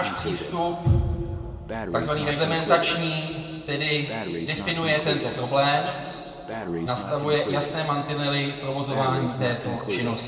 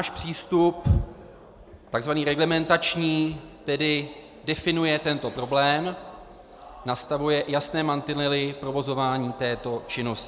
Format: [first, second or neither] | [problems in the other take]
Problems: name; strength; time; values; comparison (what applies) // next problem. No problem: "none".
second | background sound (Breathing); 9 dB below the speech // room echo; dies away in 2 s